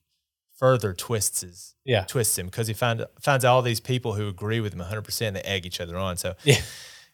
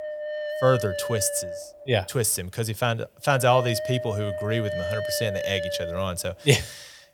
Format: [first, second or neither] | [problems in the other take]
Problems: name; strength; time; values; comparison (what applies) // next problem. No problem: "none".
first | wind noise on the microphone; heavy; 4 dB below the speech